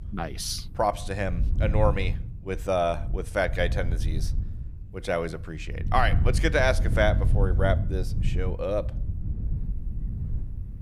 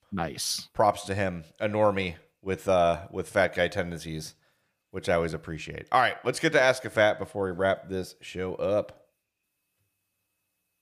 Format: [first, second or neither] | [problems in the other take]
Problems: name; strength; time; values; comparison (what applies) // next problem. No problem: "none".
second | wind noise on the microphone; occasional gusts; 15 dB below the speech